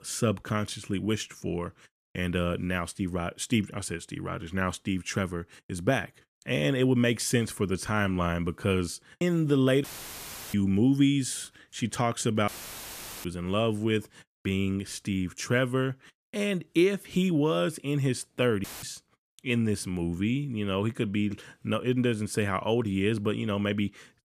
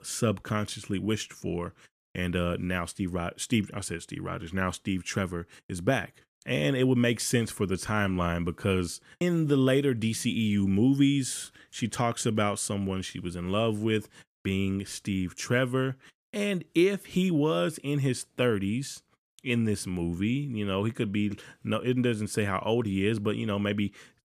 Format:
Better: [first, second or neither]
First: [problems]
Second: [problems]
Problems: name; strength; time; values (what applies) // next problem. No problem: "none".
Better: second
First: audio cutting out; filled with static; at 10 s for 0.5 s, at 12 s for 1 s and at 19 s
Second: none